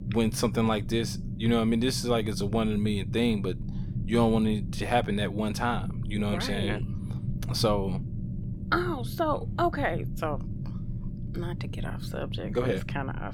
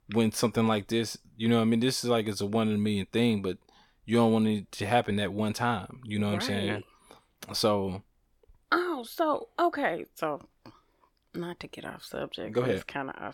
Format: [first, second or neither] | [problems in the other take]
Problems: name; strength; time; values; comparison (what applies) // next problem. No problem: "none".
second | low rumble; noticeable; throughout; 15 dB below the speech